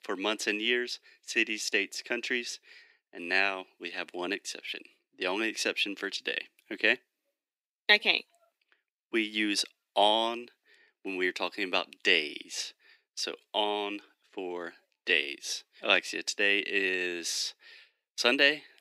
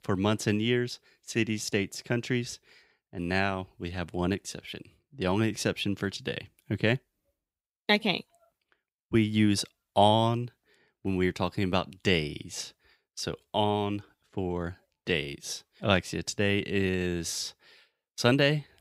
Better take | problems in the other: second | thin; somewhat; fading below 300 Hz

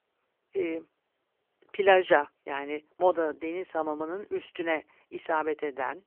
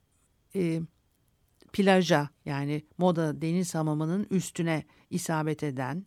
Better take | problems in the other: second | phone-call audio; poor line; nothing above 3 kHz

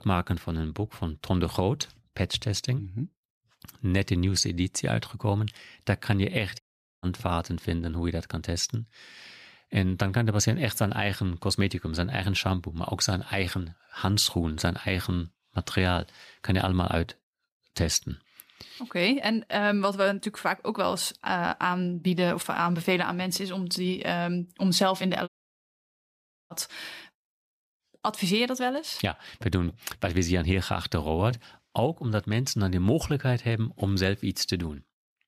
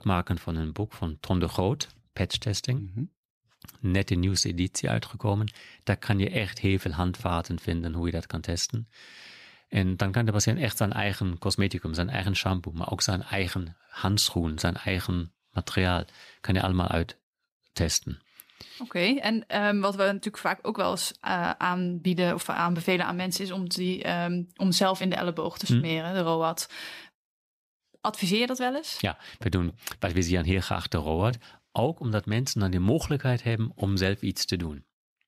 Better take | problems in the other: second | audio cutting out; at 6.5 s and at 25 s for 1 s

